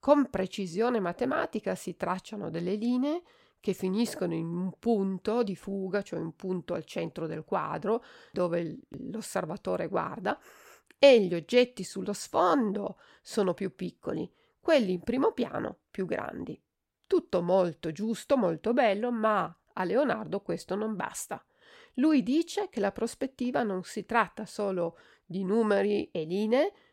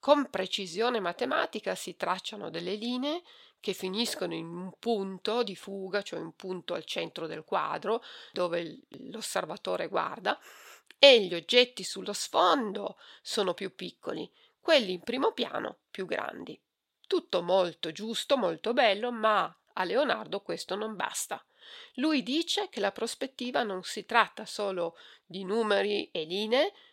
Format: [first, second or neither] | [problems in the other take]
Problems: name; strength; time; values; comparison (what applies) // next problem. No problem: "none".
first | thin; very slightly; fading below 600 Hz